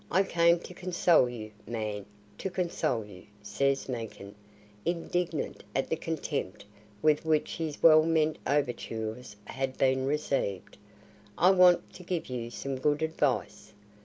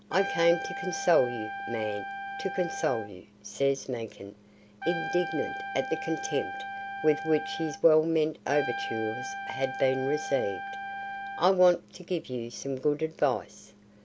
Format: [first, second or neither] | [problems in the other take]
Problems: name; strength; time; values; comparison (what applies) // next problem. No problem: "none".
first | background sound (Trumpet); 7 dB below the speech